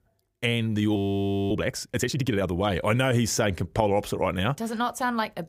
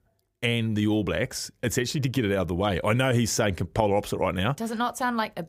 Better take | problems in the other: second | audio freezing; at 1 s for 0.5 s

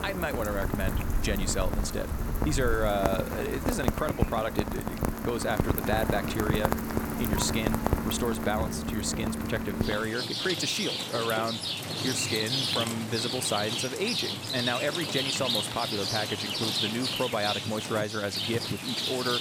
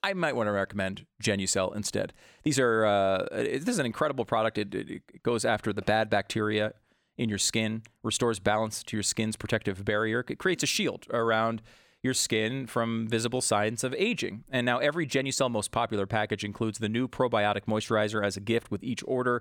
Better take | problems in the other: second | rain or running water; very loud; throughout; 1 dB above the speech

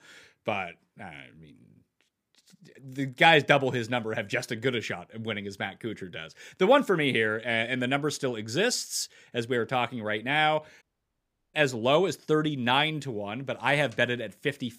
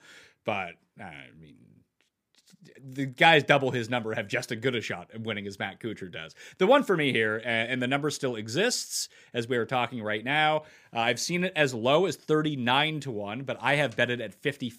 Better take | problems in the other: second | audio cutting out; at 11 s for 0.5 s

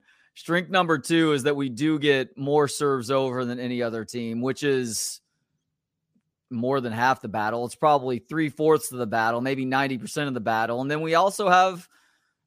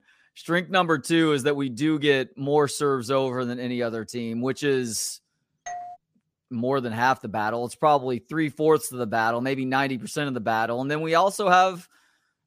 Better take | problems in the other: first | doorbell; faint; at 5.5 s; peak 15 dB below the speech

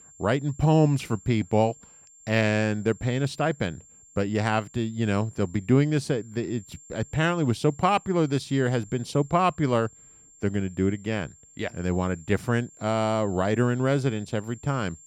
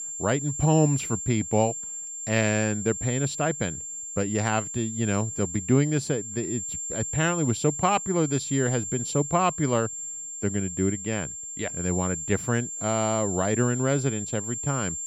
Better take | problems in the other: first | high-pitched whine; loud; throughout; 7.5 kHz, 5 dB below the speech; faint in the first

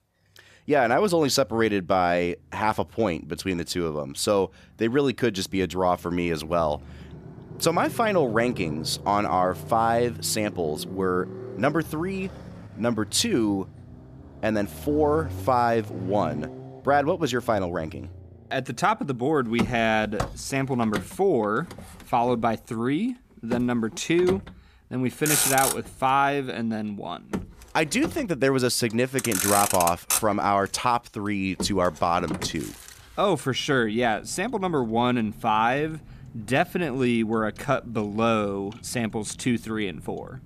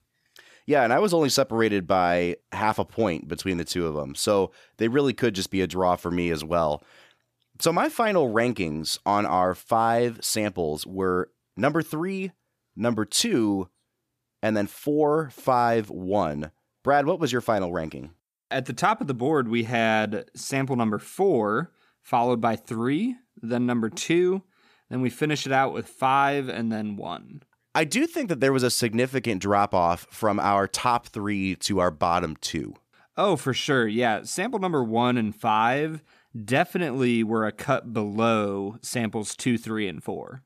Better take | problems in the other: second | traffic noise; loud; throughout; 8 dB below the speech

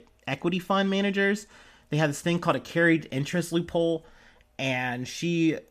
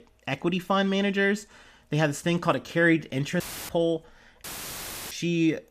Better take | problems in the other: first | audio cutting out; filled with static; at 3.5 s and at 4.5 s for 0.5 s

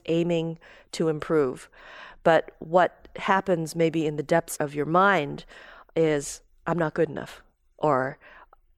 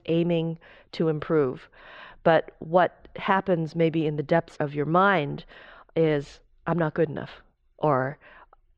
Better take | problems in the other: first | muffled; slightly; fading above 4 kHz

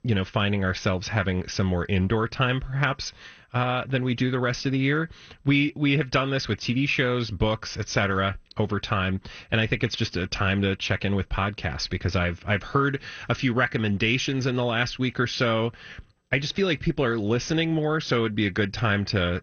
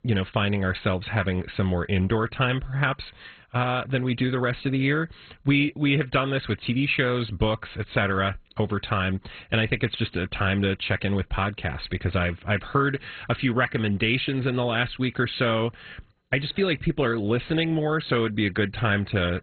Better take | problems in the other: first | garbled, watery; badly; nothing above 4 kHz; slightly in the first

